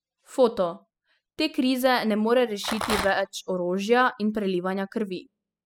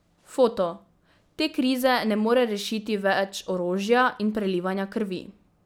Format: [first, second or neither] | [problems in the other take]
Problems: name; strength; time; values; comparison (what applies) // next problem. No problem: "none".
second | noise reduction (classical method spectral subtraction)